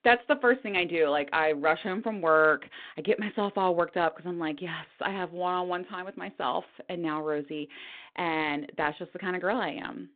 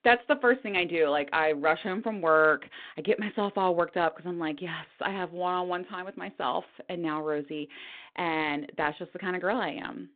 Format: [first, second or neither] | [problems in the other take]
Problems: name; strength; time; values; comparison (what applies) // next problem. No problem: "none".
neither | phone-call audio; nothing above 4 kHz; the same in both